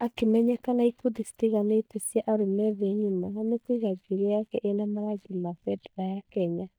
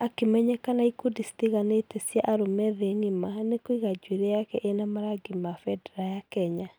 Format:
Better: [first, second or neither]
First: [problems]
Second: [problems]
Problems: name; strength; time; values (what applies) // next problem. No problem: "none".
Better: second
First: noise reduction (neural mask model DeepFilterNet 3)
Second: none